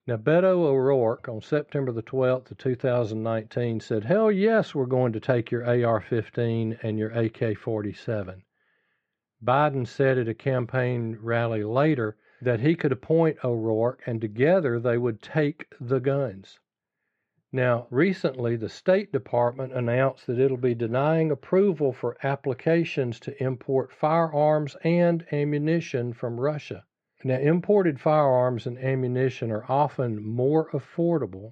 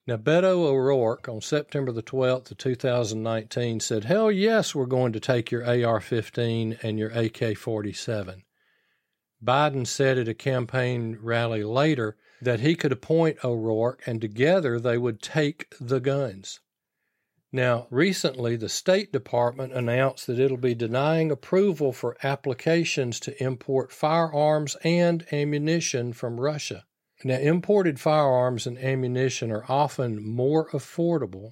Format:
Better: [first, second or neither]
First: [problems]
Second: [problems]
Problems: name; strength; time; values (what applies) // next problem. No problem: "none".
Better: second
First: muffled; very; fading above 2 kHz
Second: none